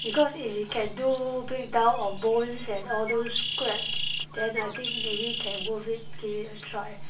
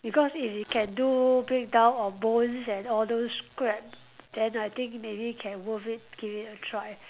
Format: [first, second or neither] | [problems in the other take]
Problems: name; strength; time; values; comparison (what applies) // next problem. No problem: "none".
second | background sound (Bird); 7 dB below the speech // room echo; dies away in 0.3 s